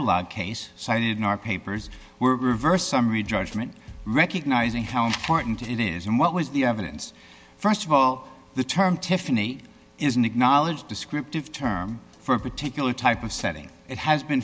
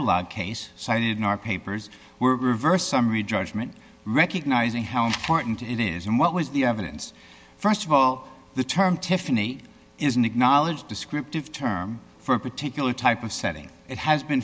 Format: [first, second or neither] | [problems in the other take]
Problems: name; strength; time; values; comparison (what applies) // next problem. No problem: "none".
second | background sound (Drum kit); 19 dB below the speech